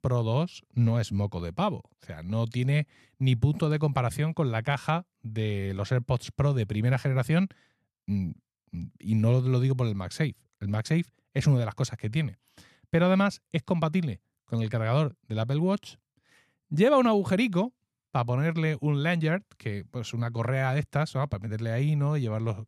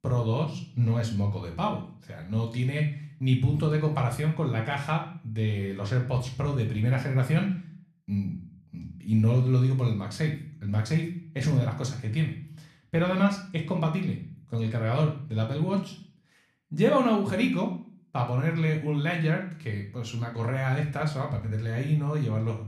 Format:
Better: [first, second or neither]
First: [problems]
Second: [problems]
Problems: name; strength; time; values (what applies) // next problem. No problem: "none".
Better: first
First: none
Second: room echo; slight; dies away in 0.4 s // off-mic speech; somewhat distant